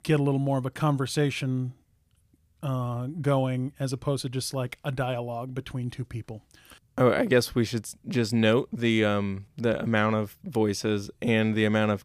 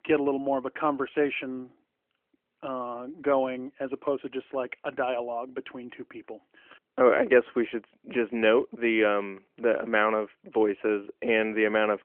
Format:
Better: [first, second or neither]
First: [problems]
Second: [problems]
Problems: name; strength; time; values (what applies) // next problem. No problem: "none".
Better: first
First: none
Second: phone-call audio; nothing above 3 kHz